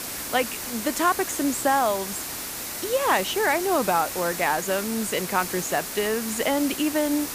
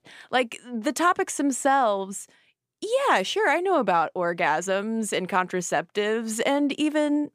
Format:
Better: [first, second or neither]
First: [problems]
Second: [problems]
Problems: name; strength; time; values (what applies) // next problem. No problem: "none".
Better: second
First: hiss; loud; throughout; 6 dB below the speech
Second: none